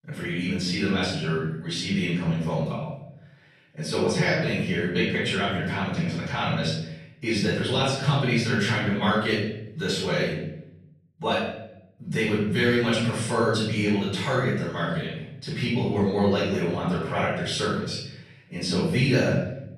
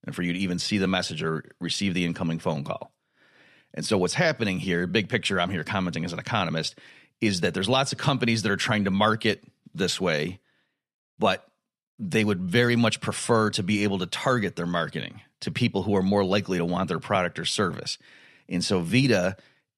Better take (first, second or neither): second